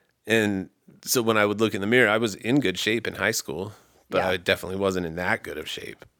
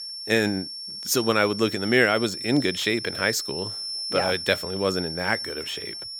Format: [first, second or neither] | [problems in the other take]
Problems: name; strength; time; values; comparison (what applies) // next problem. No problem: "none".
first | high-pitched whine; loud; throughout; 5.5 kHz, 7 dB below the speech